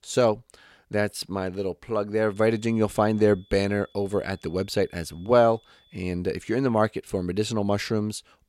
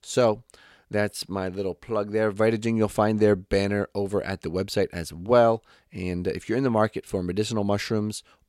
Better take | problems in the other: second | high-pitched whine; faint; from 2.5 to 6 s; 3.5 kHz, 35 dB below the speech

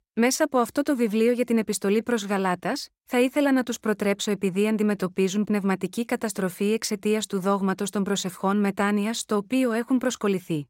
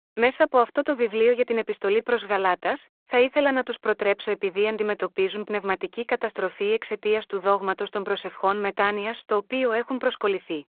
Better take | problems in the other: first | phone-call audio

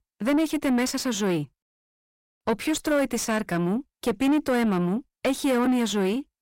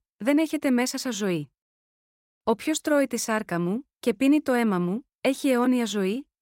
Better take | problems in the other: second | distortion; slight; 9 dB below the speech

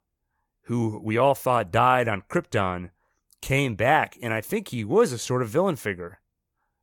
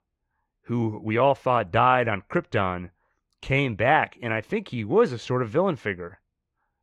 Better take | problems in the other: first | muffled; slightly; fading above 3 kHz

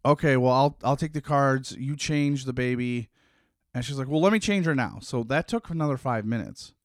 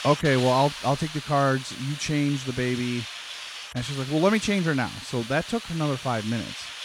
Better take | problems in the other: first | hiss; loud; throughout; 10 dB below the speech

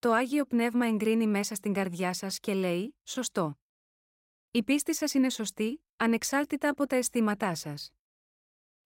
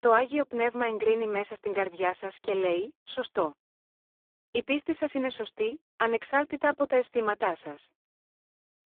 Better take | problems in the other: first | phone-call audio; poor line; nothing above 3.5 kHz

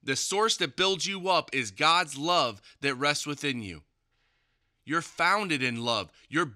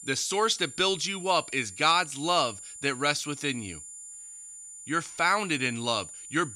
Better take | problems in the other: first | high-pitched whine; noticeable; throughout; 7 kHz, 15 dB below the speech

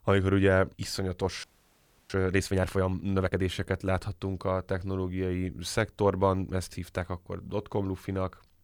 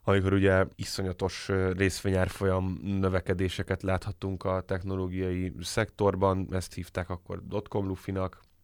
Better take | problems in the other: second | audio freezing; at 1.5 s for 0.5 s

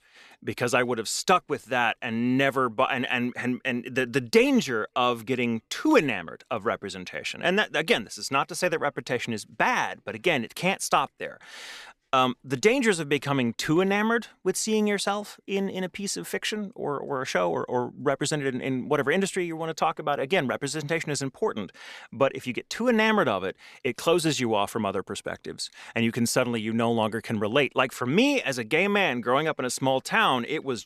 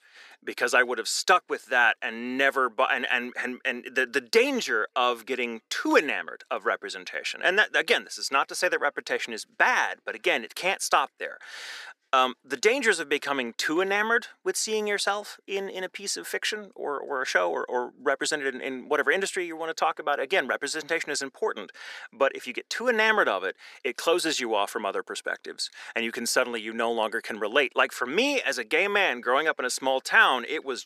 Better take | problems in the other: first | thin; somewhat; fading below 350 Hz

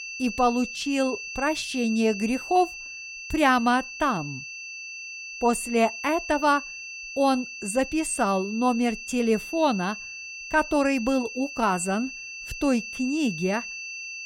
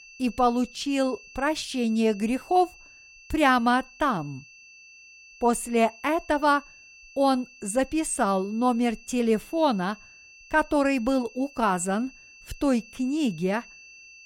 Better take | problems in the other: second | high-pitched whine; loud; throughout; 2.5 kHz, 10 dB below the speech; faint in the second

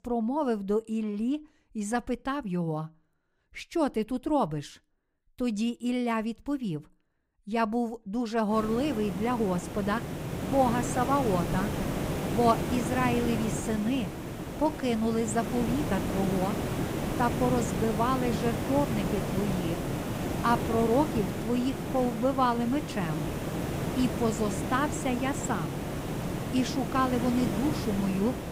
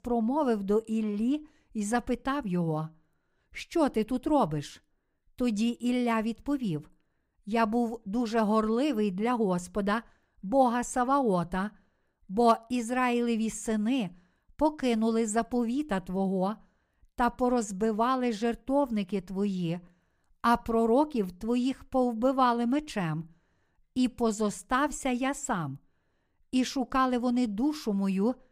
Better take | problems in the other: second | hiss; loud; from 8.5 s on; 3 dB below the speech

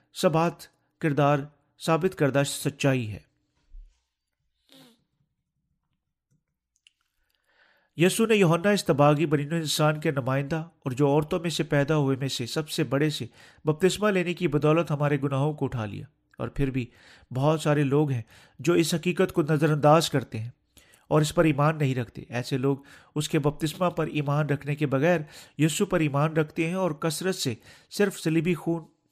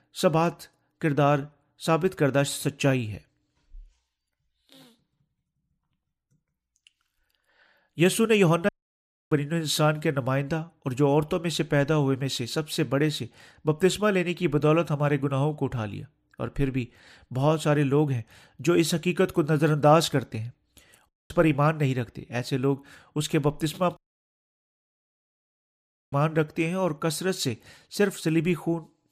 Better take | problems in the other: first | audio cutting out; at 8.5 s for 0.5 s, at 21 s and at 24 s for 2 s

